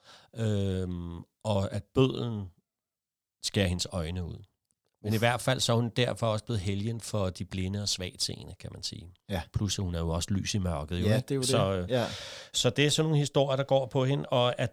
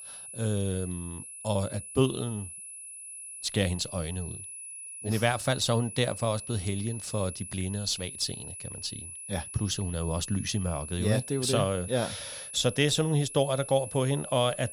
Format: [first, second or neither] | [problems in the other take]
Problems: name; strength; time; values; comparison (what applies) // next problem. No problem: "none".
first | high-pitched whine; loud; throughout; 10.5 kHz, 10 dB below the speech